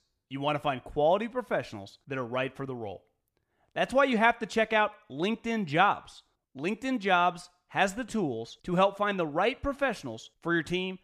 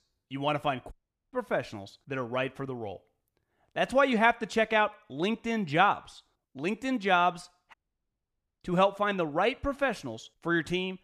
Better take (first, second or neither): first